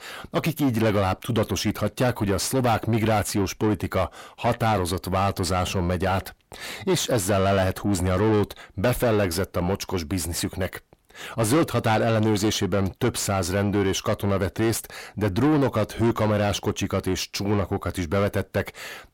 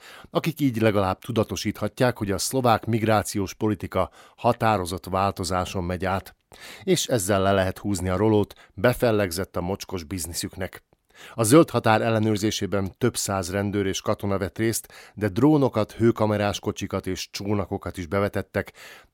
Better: second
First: distortion; heavy; 7 dB below the speech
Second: none

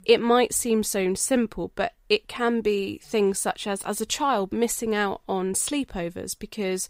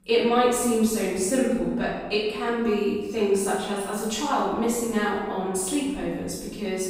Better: first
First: none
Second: off-mic speech; far // room echo; strong; dies away in 1.2 s

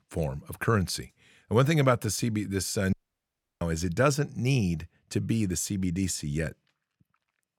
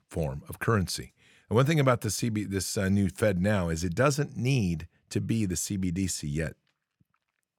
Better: second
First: audio cutting out; at 3 s for 0.5 s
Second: none

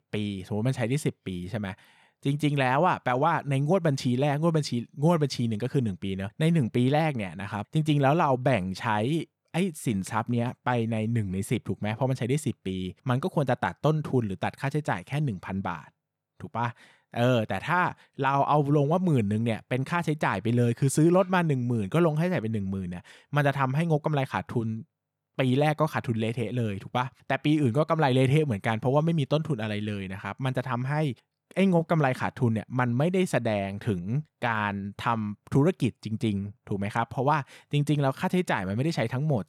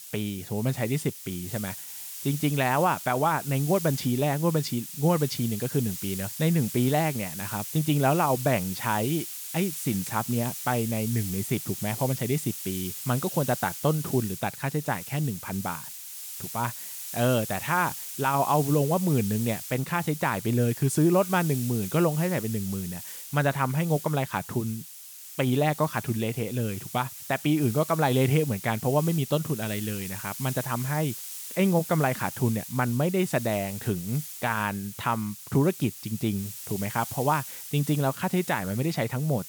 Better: first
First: none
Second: hiss; loud; throughout; 9 dB below the speech

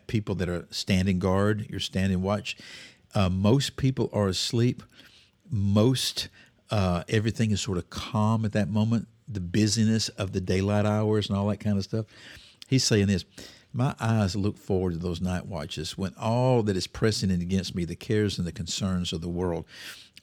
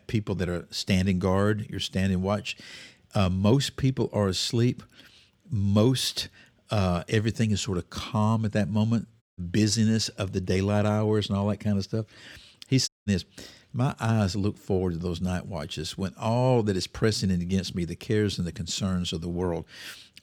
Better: first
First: none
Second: audio cutting out; at 9 s and at 13 s

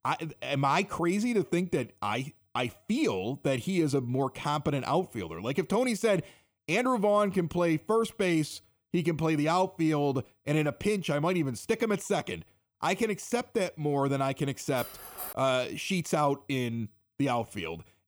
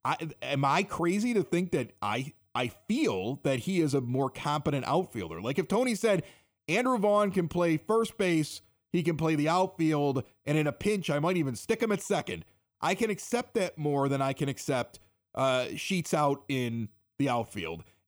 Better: second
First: clattering dishes; noticeable; at 15 s; peak 9 dB below the speech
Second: none

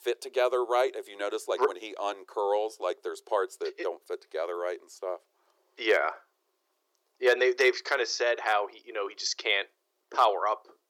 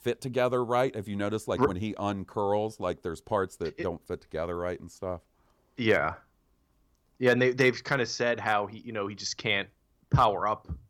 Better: second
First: thin; very; fading below 350 Hz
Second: none

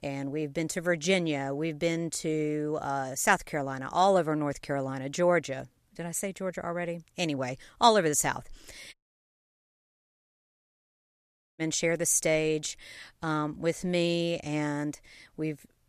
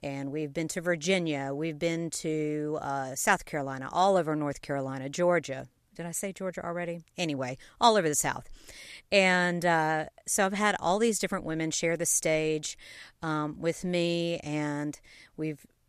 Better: second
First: audio cutting out; at 9 s for 2.5 s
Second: none

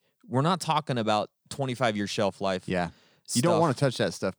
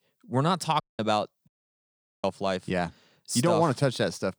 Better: first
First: none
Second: audio cutting out; at 1 s and at 1.5 s for 1 s

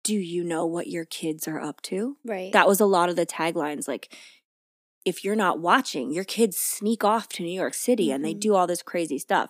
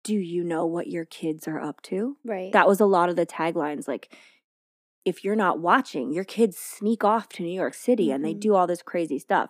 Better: first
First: none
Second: muffled; slightly; fading above 2.5 kHz

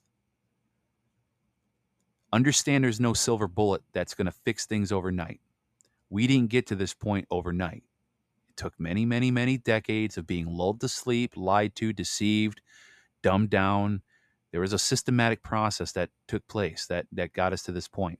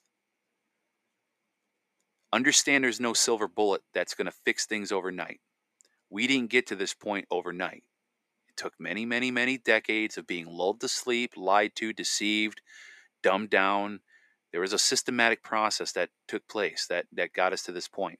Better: first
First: none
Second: thin; somewhat; fading below 300 Hz

